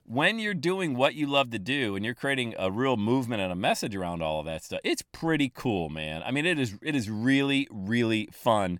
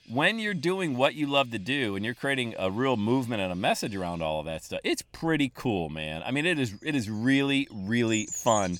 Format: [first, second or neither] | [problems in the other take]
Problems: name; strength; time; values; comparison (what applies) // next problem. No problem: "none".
first | animal sounds; noticeable; throughout; 10 dB below the speech